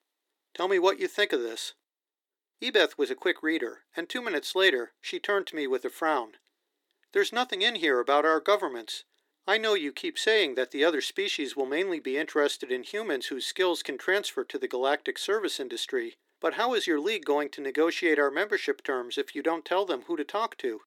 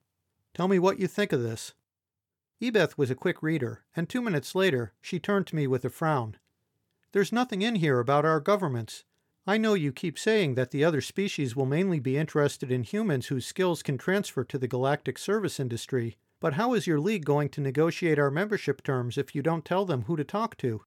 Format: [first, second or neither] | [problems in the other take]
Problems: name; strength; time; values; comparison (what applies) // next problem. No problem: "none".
second | thin; somewhat; fading below 300 Hz